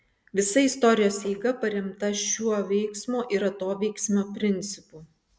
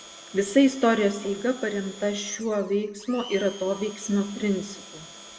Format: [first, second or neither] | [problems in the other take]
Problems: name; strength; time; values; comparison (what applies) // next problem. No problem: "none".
first | background sound (Domestic sounds, home sounds); 18 dB below the speech // room echo; dies away in 0.9 s